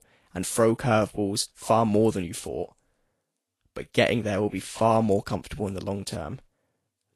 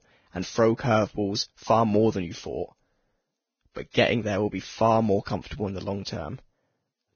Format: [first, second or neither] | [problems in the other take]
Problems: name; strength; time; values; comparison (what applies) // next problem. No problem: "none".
first | garbled, watery; badly; nothing above 6.5 kHz; slightly in the first